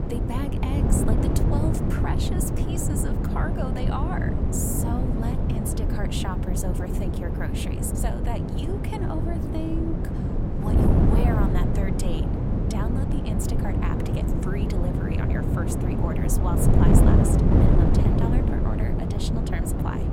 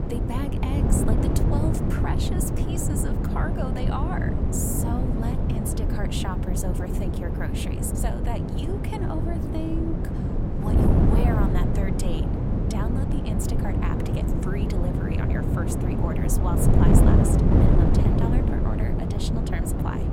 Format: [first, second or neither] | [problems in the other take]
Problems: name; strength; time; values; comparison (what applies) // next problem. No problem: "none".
neither | wind noise on the microphone; heavy; 3 dB above the speech; the same in both